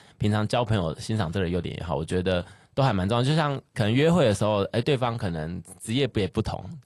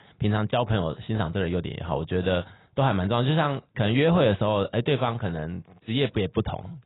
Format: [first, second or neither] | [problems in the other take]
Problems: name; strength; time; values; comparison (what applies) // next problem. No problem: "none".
first | garbled, watery; badly; nothing above 4 kHz; slightly in the first